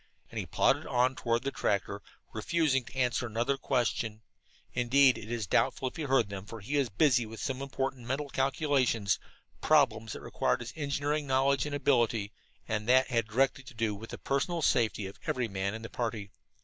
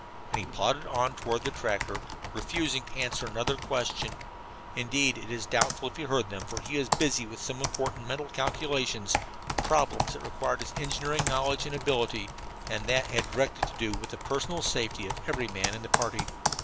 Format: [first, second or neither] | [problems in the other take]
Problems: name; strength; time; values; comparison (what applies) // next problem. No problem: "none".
first | background sound (Computer keyboard); 4 dB below the speech